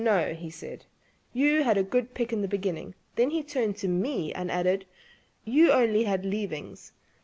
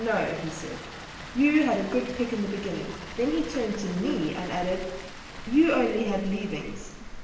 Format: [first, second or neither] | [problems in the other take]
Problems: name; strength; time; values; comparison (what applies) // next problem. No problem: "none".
first | background sound (Water); 12 dB below the speech // room echo; dies away in 0.9 s